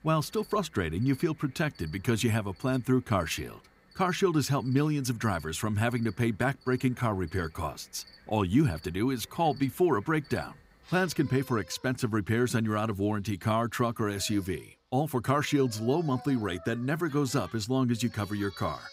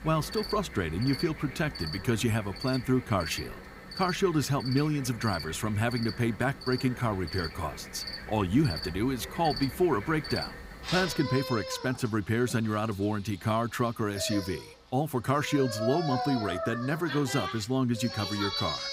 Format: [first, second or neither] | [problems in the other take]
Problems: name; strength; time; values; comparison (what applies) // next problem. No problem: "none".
first | animal sounds; loud; throughout; 8 dB below the speech; faint in the first